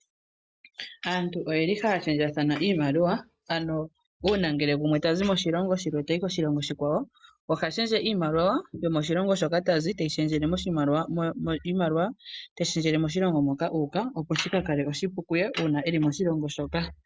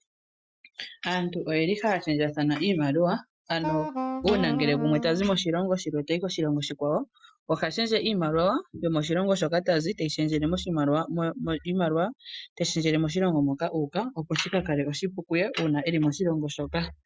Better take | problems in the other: first | noise reduction (classical method Wiener filter)

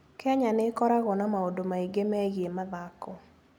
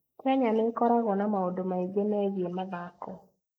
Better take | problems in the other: first | noise reduction (neural mask model Resemble Enhance denoiser)

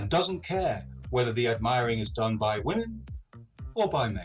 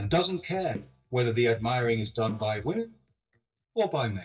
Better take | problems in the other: first | noise reduction (neural mask model DeepFilterNet 3)

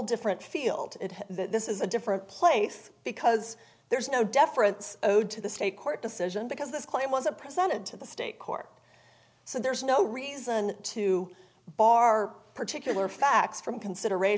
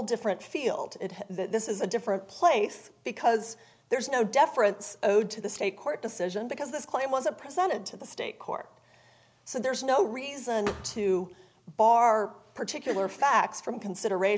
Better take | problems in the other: first | background sound (Thump, thud); 15 dB below the speech

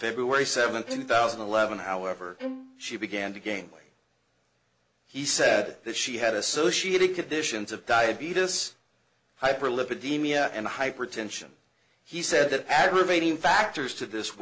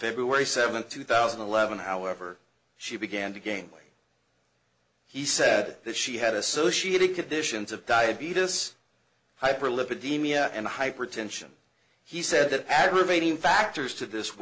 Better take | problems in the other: second | background sound (Bowed string instrument); 12 dB below the speech

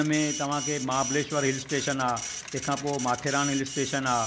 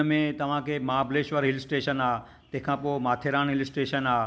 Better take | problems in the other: second | background sound (Printer); 8 dB below the speech

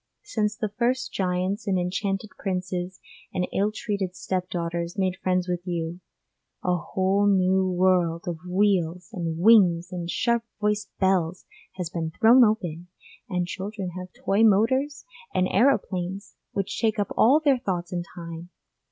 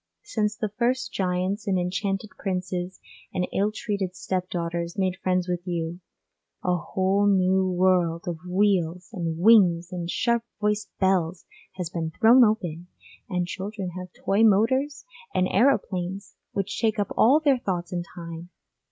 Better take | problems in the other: first | noise reduction (neural mask model Resemble Enhance denoiser)

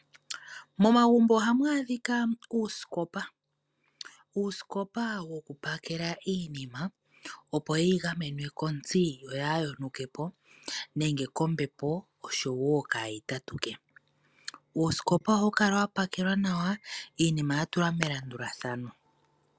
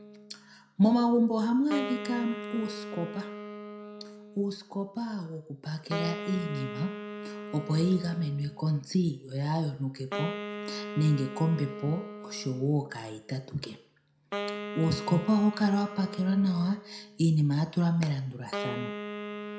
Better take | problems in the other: first | background sound (Wind instrument, woodwind instrument); 10 dB below the speech // room echo; dies away in 0.4 s

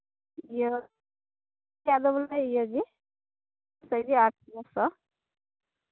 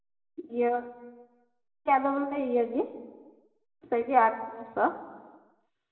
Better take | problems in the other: first | room echo; dies away in 1.2 s

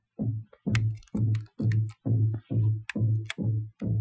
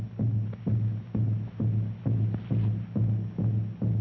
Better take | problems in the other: second | noise reduction (classical method Wiener filter)

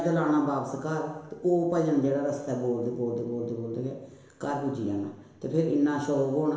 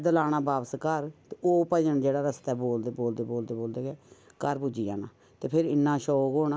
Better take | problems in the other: second | room echo; dies away in 1.1 s

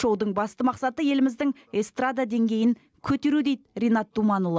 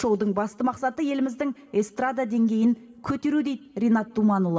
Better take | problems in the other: first | room echo; dies away in 1 s

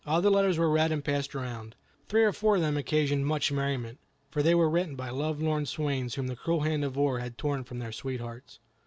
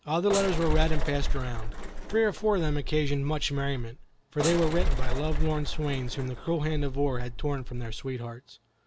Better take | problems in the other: first | background sound (Bus / Engine); 2 dB above the speech

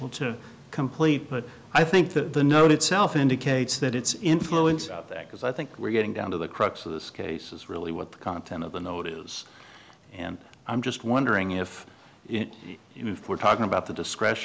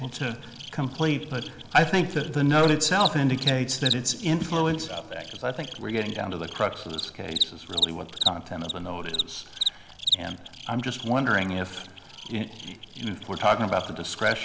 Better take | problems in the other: first | background sound (Cricket); 7 dB below the speech // room echo; dies away in 1.1 s

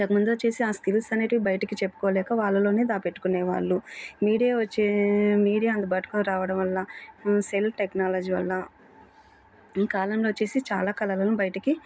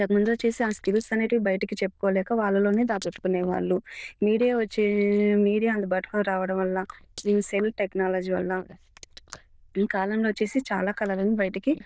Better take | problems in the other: first | noise reduction (neural diffusion model UNIVERSE++)

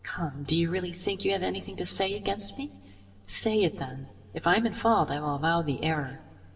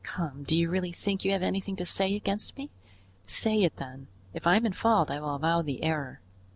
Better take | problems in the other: second | room echo; dies away in 1.7 s

